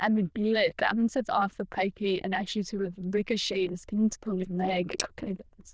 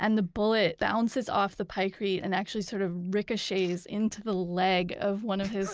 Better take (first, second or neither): second